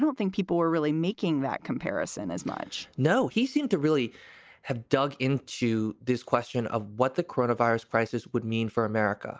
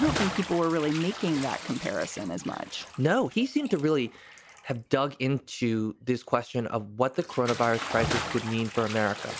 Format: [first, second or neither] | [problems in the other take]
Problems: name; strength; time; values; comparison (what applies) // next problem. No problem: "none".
first | background sound (Bathtub (filling or washing) / Splash, splatter); 10 dB below the speech